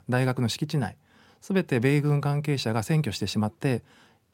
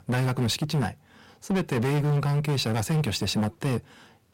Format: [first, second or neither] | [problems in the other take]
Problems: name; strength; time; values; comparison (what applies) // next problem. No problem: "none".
first | distortion; heavy; 20% of the sound clipped